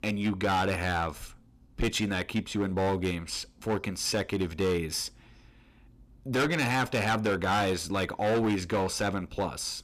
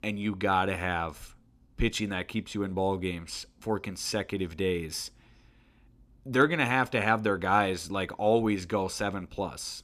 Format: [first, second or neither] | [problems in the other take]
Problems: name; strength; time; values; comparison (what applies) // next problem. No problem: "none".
second | distortion; heavy; 10% of the sound clipped